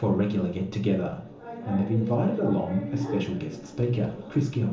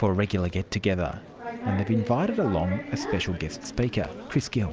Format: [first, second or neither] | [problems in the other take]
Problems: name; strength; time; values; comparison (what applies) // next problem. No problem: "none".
second | room echo; dies away in 1.2 s